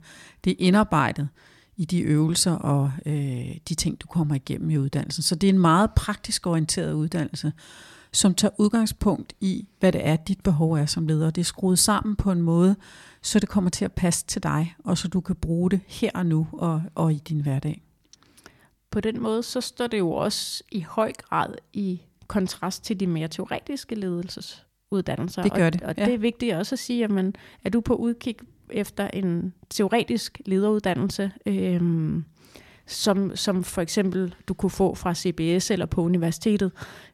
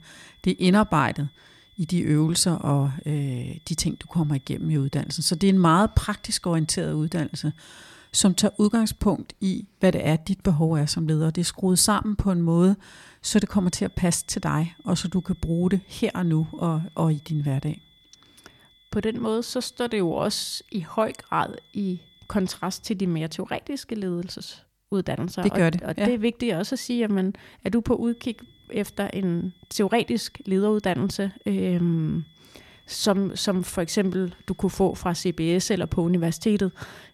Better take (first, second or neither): first